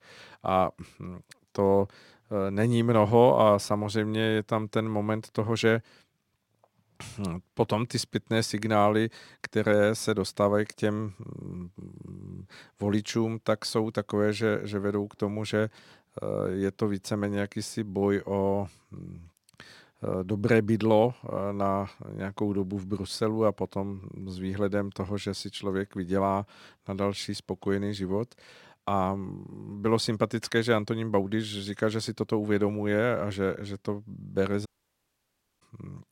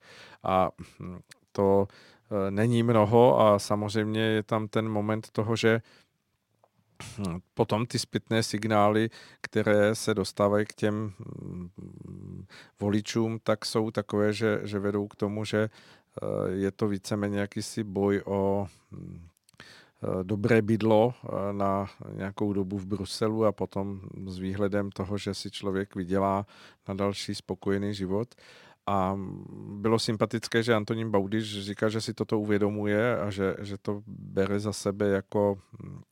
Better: second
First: audio cutting out; at 35 s for 1 s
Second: none

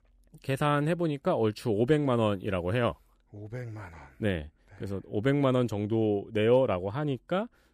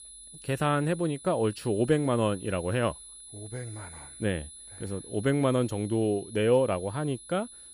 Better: first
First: none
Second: high-pitched whine; noticeable; throughout; 10 kHz, 15 dB below the speech

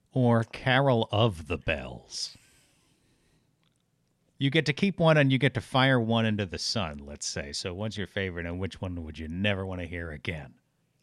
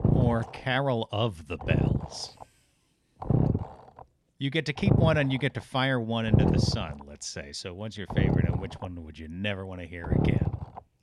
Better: first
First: none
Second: low rumble; loud; throughout; 4 dB below the speech

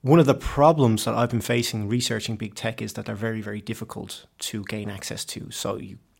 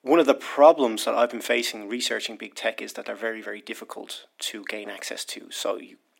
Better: first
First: none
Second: thin; somewhat; fading below 250 Hz

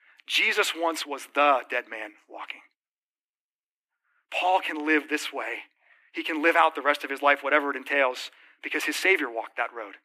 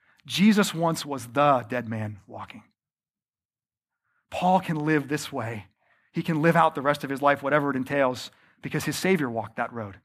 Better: second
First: thin; somewhat; fading below 300 Hz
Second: none

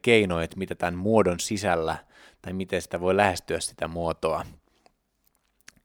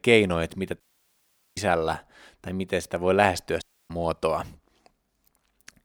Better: first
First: none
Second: audio cutting out; at 1 s for 1 s and at 3.5 s

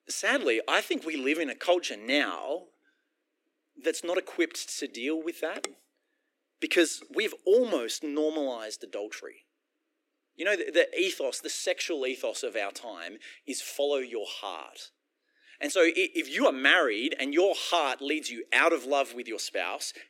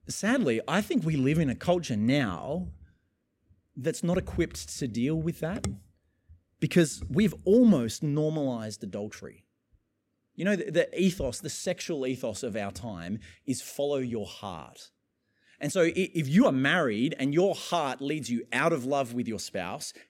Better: second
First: thin; somewhat; fading below 300 Hz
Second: none

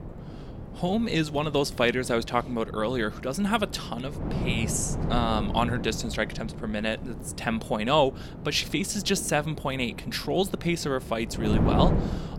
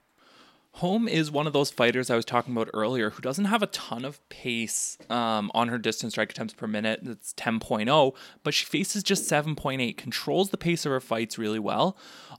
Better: second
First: wind noise on the microphone; occasional gusts; 10 dB below the speech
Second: none

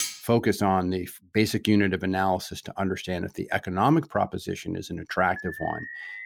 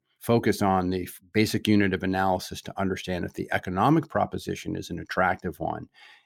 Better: second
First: clattering dishes; noticeable; at the start; peak 4 dB below the speech // alarm; faint; at 5.5 s; peak 10 dB below the speech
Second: none

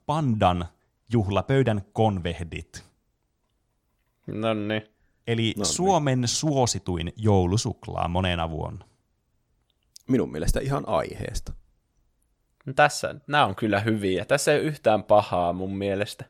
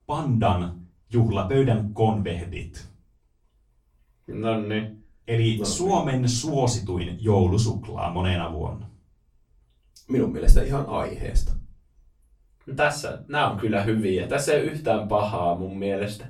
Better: first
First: none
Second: off-mic speech; far // room echo; very slight; dies away in 0.3 s

